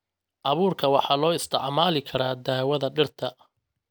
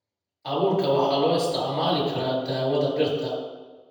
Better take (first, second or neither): first